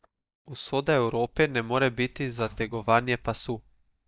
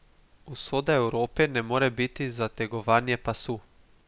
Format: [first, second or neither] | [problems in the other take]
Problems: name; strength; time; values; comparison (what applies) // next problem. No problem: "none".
second | noise reduction (neural mask model DeepFilterNet 3)